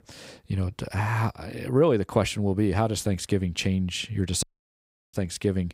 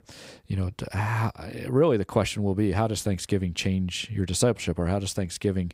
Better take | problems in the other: second | audio cutting out; at 4.5 s for 0.5 s

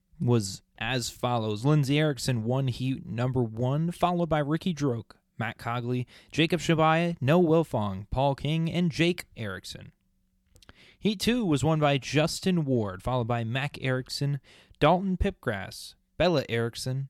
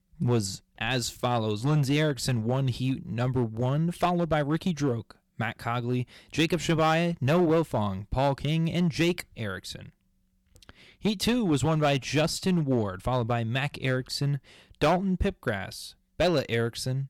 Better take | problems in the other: first | distortion; slight; 4% of the sound clipped

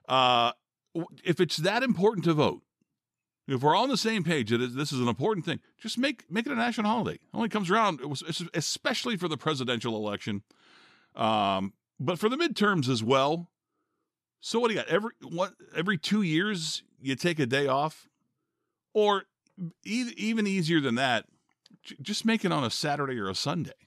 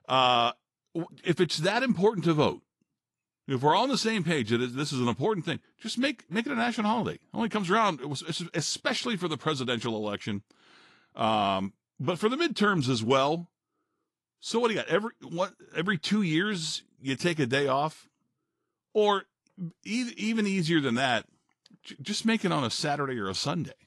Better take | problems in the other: first | garbled, watery; slightly; nothing above 11 kHz

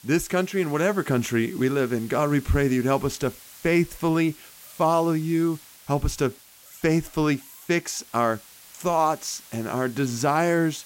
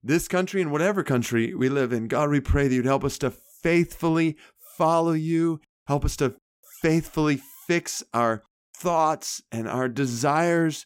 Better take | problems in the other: second | hiss; faint; throughout; 20 dB below the speech

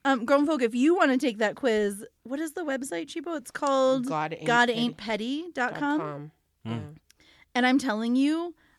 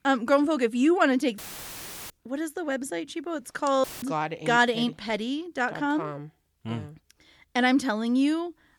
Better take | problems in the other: first | audio cutting out; filled with static; at 1.5 s for 0.5 s and at 4 s

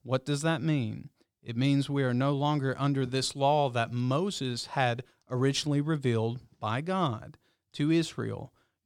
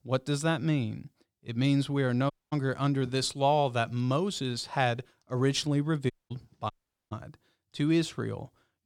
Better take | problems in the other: first | audio cutting out; at 2.5 s, at 6 s and at 6.5 s

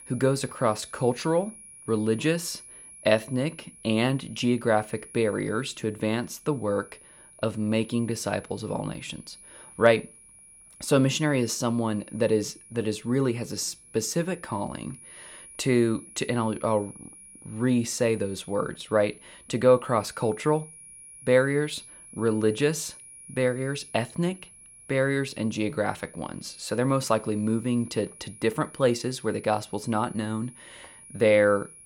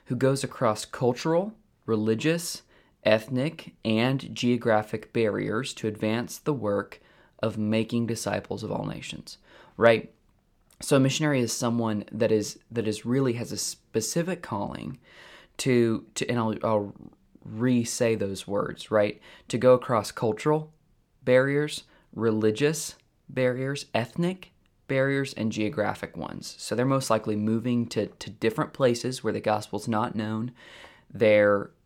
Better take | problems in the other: second | high-pitched whine; noticeable; throughout; 10.5 kHz, 20 dB below the speech

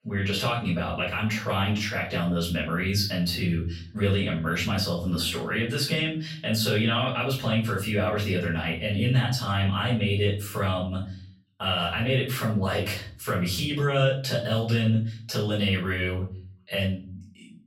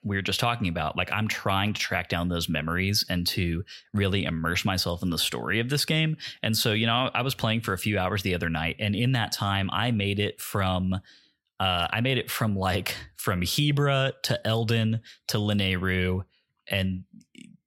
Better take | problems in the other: second | off-mic speech; far // room echo; slight; dies away in 0.4 s

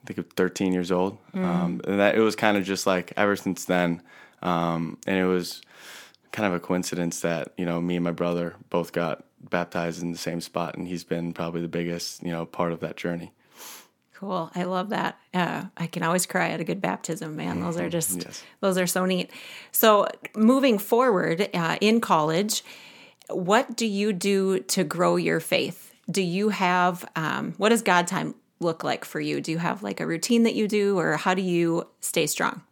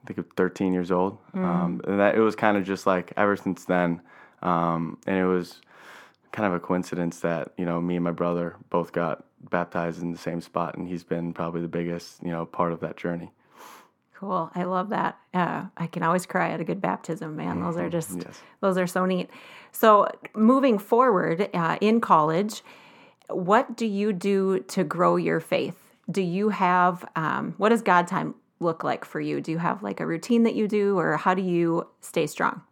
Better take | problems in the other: first | muffled; slightly; fading above 2.5 kHz

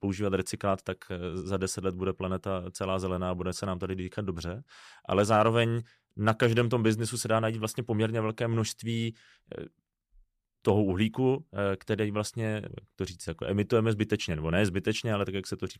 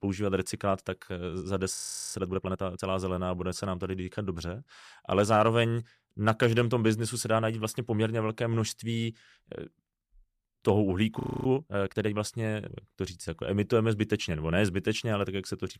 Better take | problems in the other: first | audio freezing; at 2 s and at 11 s

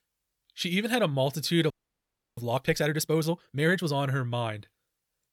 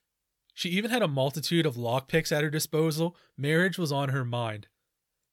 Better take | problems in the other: second | audio freezing; at 1.5 s for 0.5 s

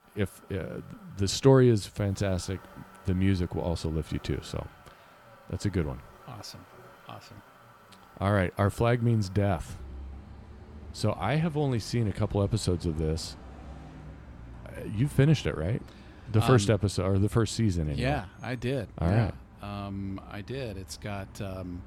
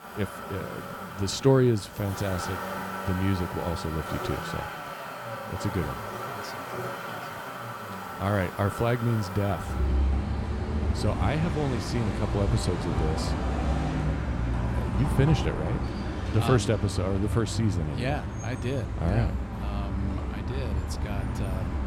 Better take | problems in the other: first | traffic noise; loud; throughout; 3 dB below the speech; faint in the first

